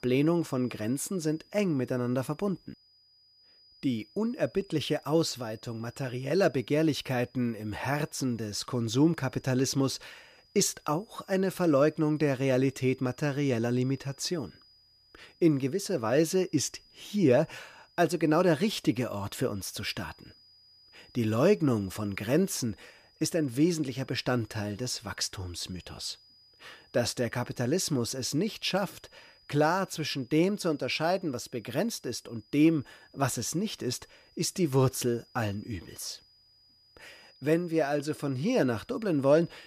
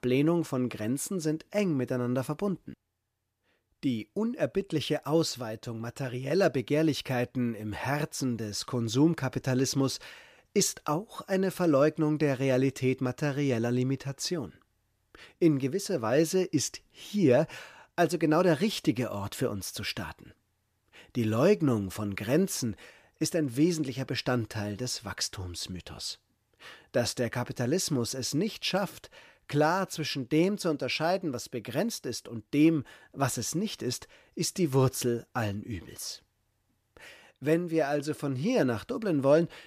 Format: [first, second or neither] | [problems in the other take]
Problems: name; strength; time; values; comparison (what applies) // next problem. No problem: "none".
second | high-pitched whine; faint; throughout; 5 kHz, 30 dB below the speech